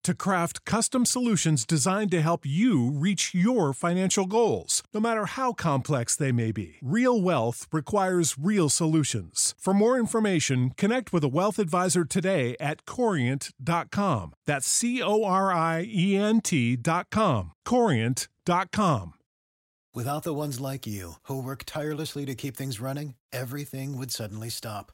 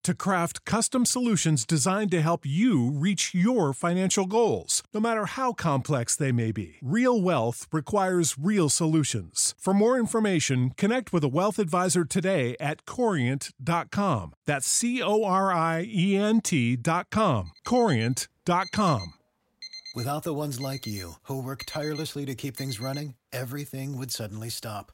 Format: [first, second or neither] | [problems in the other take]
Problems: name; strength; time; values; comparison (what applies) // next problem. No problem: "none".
first | alarm; faint; from 17 to 23 s; peak 15 dB below the speech